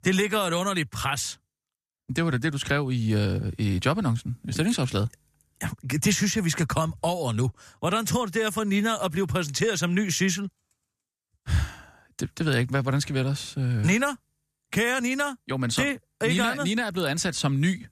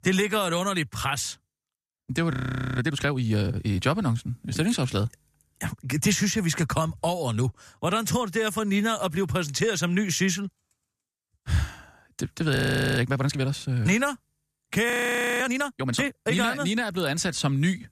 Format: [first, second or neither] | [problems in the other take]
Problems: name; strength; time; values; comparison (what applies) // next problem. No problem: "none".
first | audio freezing; at 2.5 s, at 13 s and at 15 s for 0.5 s